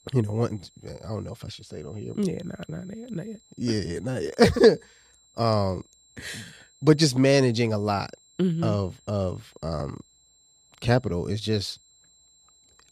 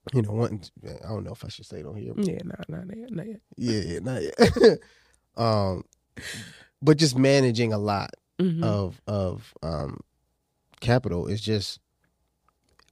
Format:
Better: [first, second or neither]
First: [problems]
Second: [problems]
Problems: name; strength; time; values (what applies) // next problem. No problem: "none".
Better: second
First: high-pitched whine; faint; throughout; 7.5 kHz, 30 dB below the speech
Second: none